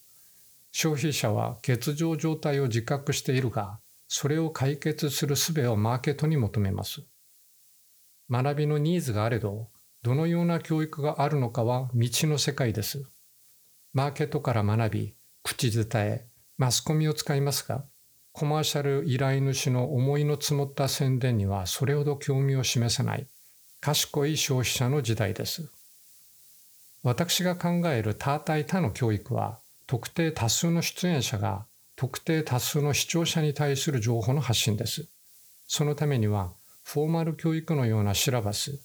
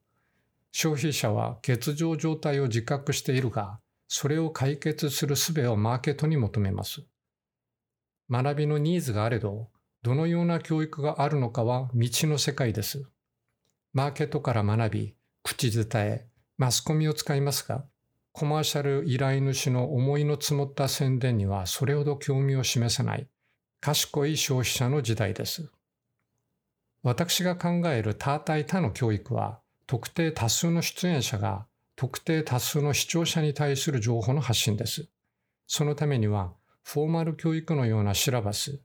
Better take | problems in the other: second | hiss; faint; throughout; 25 dB below the speech

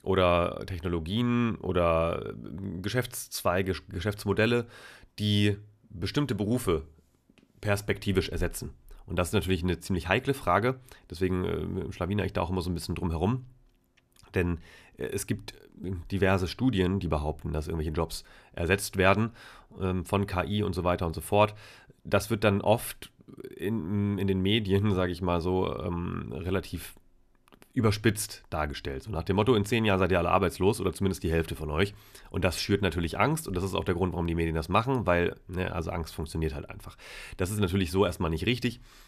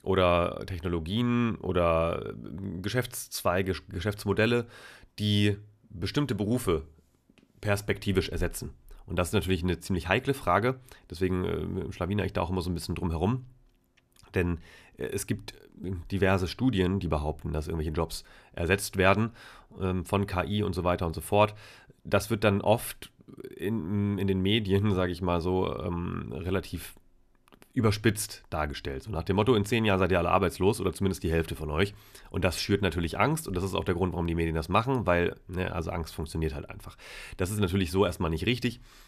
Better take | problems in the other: neither | none

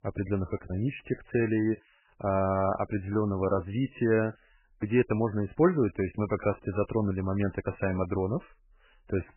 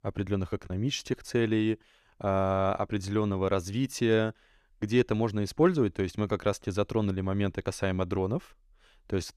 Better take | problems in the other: second | garbled, watery; badly; nothing above 2.5 kHz

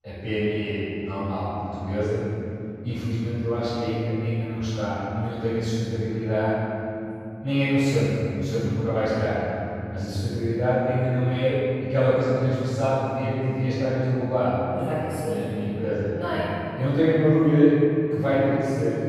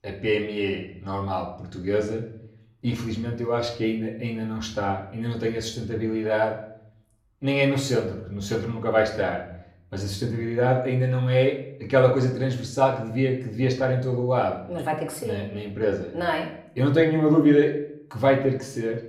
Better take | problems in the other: second | room echo; strong; dies away in 3 s; slight in the second // off-mic speech; far; somewhat distant in the second

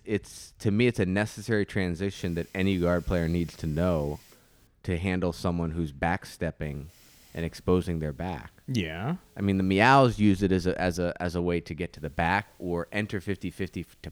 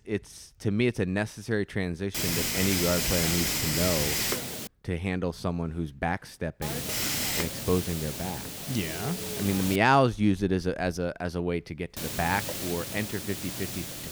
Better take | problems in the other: first | hiss; loud; from 2 to 4.5 s, from 6.5 to 10 s and from 12 s on; as loud as the speech; faint in the first

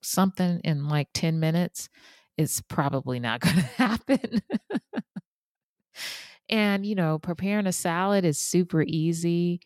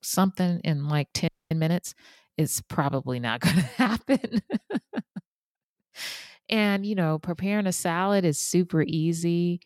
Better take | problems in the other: first | audio freezing; at 1.5 s

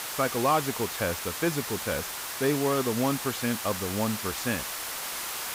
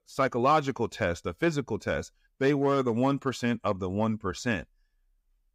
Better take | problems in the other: second | hiss; loud; throughout; 3 dB below the speech

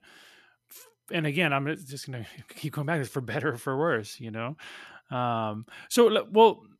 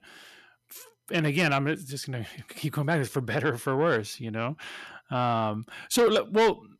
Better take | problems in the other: first | distortion; heavy; 7 dB below the speech

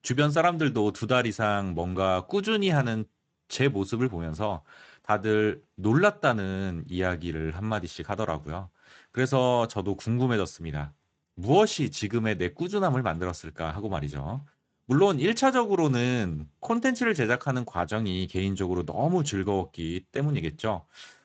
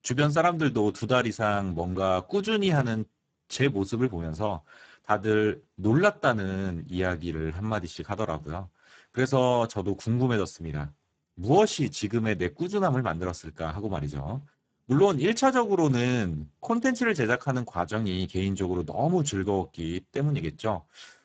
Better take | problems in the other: first | garbled, watery; badly; nothing above 7.5 kHz; slightly in the first

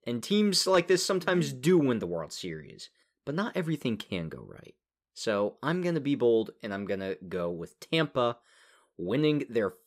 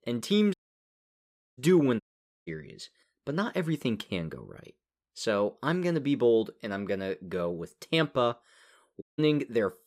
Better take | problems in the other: first | audio cutting out; at 0.5 s for 1 s, at 2 s and at 9 s

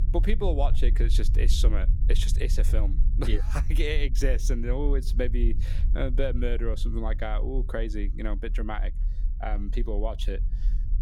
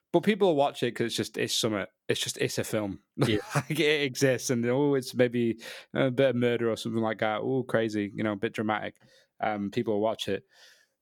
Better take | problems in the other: second | low rumble; noticeable; throughout; 15 dB below the speech

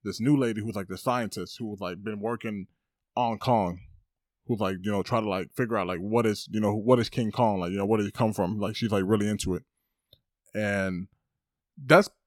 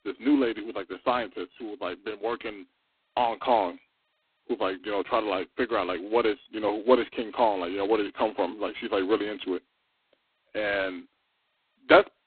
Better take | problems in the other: first | phone-call audio; poor line; nothing above 4 kHz

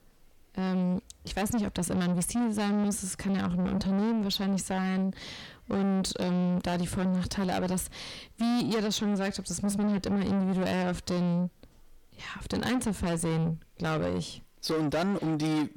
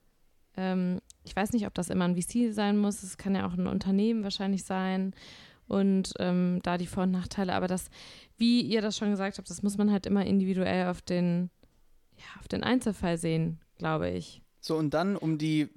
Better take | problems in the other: second | distortion; heavy; 7 dB below the speech

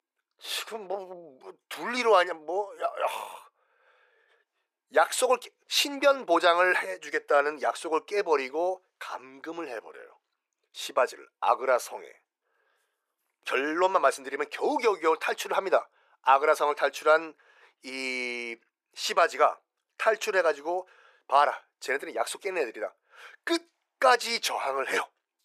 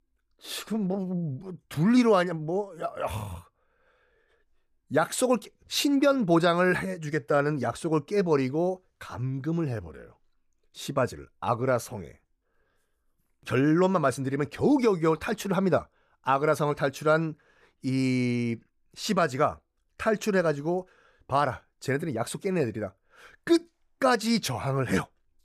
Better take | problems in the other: second | thin; very; fading below 400 Hz

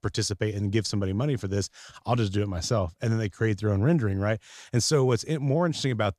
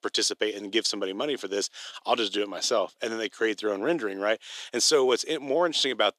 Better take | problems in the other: first | thin; very; fading below 300 Hz

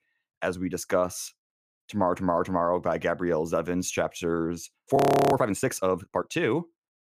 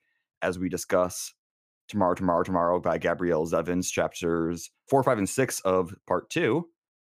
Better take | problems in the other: second | audio freezing; at 5 s

